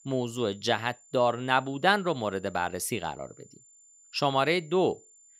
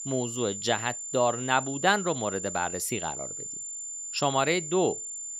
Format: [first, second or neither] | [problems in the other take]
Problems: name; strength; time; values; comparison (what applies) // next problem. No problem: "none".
first | high-pitched whine; loud; throughout; 7 kHz, 6 dB below the speech; faint in the first